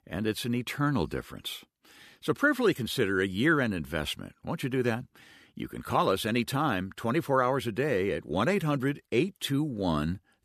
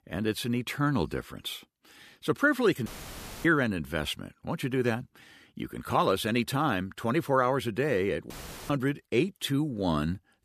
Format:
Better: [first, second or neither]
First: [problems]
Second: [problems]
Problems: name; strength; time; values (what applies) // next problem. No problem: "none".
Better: first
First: none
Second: audio cutting out; filled with static; at 3 s for 0.5 s and at 8.5 s